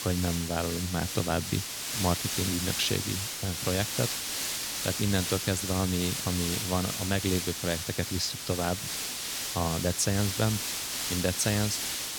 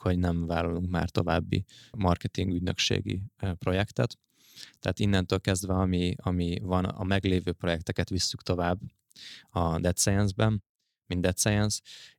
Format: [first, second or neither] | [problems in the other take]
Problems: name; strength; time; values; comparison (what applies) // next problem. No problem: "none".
second | hiss; loud; throughout; 1 dB below the speech